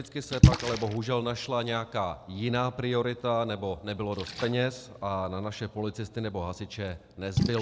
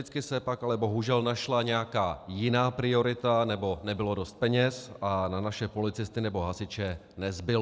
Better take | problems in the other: second | background sound (Splash, splatter); 1 dB below the speech

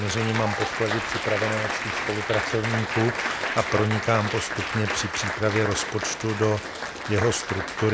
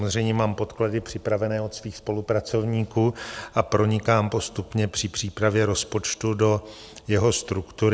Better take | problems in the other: second | background sound (Applause); 3 dB below the speech

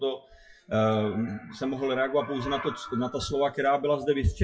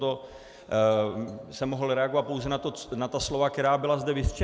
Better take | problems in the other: second | noise reduction (classical method WPE with log-MMSE)

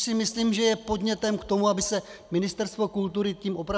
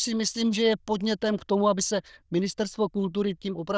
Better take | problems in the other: first | noise reduction (neural diffusion model UNIVERSE++)

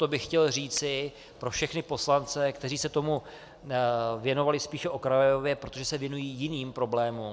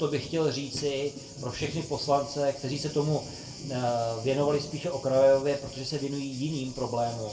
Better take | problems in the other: first | background sound (Thunder); 14 dB below the speech // room echo; dies away in 0.3 s

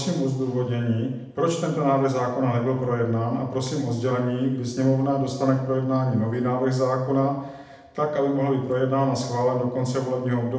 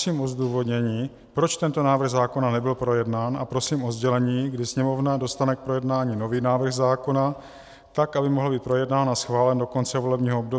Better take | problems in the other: second | room echo; dies away in 0.8 s

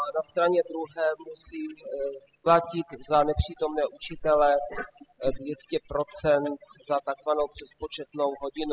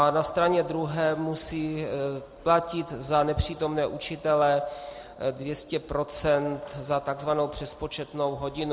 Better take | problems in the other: second | noise reduction (classical method spectral subtraction)

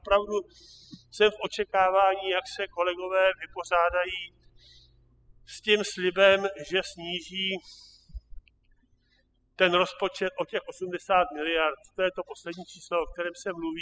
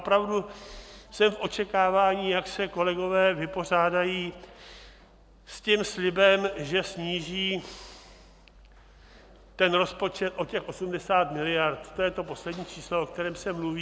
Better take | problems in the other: second | noise reduction (classical method spectral subtraction)

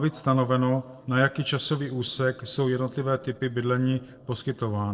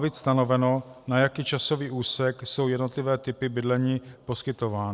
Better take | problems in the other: second | noise reduction (neural separator model SepFormer DNS4)

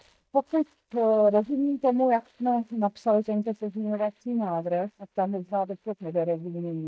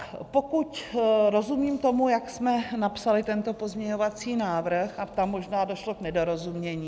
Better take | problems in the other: second | noise reduction (neural mask model DeepFilterNet 3)

